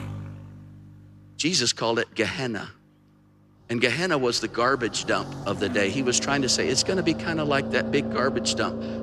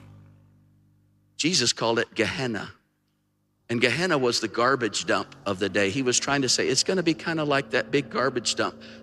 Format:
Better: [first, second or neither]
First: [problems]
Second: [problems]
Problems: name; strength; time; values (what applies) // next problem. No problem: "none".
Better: second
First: traffic noise; loud; throughout; 9 dB below the speech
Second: traffic noise; faint; throughout; 25 dB below the speech